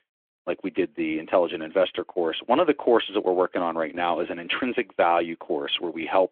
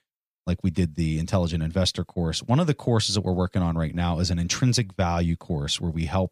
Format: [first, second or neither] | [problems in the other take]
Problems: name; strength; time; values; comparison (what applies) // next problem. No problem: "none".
second | phone-call audio; nothing above 3.5 kHz